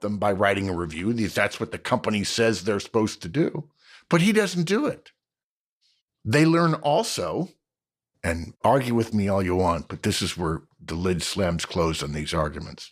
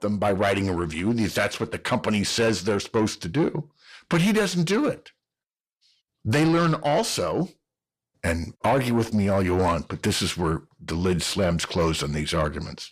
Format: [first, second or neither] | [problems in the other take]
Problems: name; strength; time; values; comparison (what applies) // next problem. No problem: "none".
first | distortion; slight; 10 dB below the speech